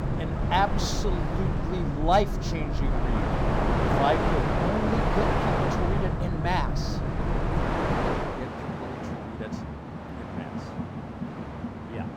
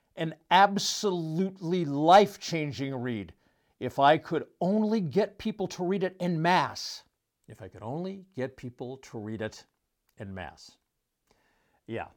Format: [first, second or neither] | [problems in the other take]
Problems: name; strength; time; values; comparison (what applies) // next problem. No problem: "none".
second | train or aircraft noise; very loud; throughout; 2 dB above the speech